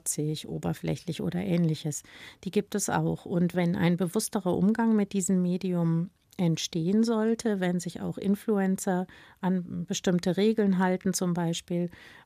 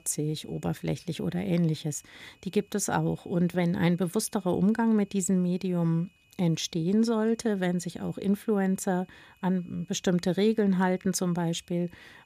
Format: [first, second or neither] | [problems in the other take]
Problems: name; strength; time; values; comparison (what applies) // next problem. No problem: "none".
first | high-pitched whine; faint; throughout; 2.5 kHz, 35 dB below the speech